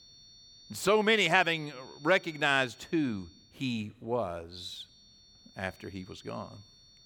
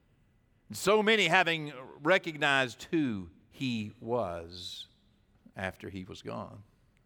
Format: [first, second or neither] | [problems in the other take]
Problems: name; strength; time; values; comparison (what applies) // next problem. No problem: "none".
second | high-pitched whine; faint; until 3.5 s and from 5 s on; 4.5 kHz, 25 dB below the speech